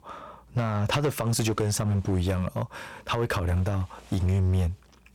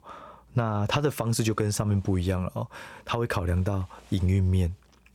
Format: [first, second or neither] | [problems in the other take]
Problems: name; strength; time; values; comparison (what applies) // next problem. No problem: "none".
second | distortion; slight; 11% of the sound clipped